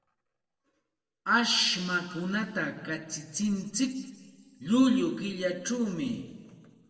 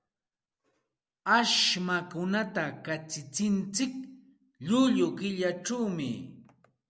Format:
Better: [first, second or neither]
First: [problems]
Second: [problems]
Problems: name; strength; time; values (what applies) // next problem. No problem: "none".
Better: second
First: room echo; dies away in 1.4 s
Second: none